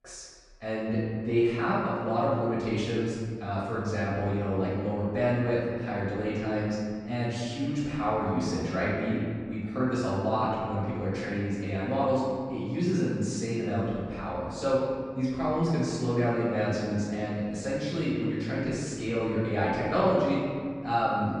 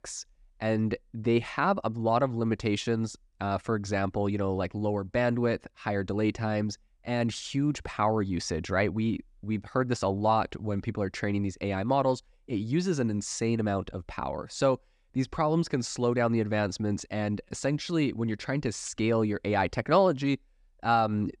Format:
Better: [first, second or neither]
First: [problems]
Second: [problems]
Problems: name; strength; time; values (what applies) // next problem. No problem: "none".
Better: second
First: off-mic speech; far // room echo; strong; dies away in 1.9 s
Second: none